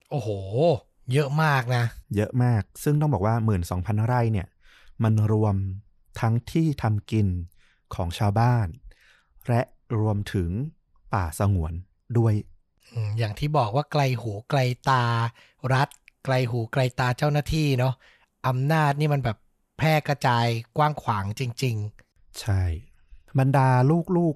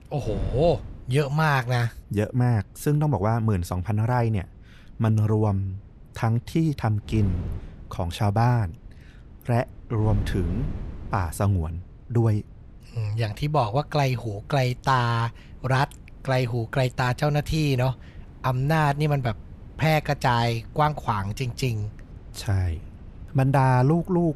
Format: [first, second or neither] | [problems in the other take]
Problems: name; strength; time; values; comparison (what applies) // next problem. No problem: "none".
first | wind noise on the microphone; occasional gusts; 25 dB below the speech